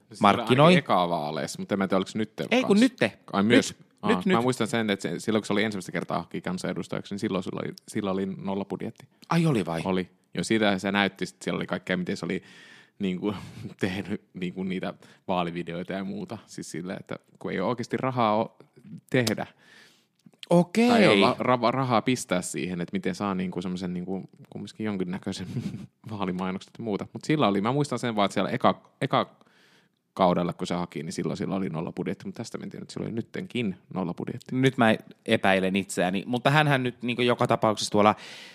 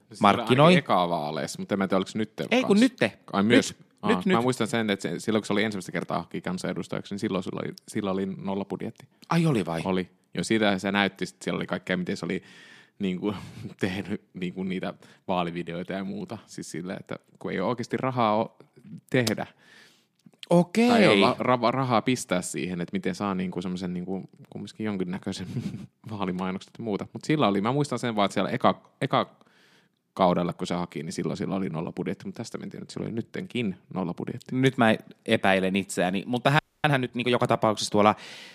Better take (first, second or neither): first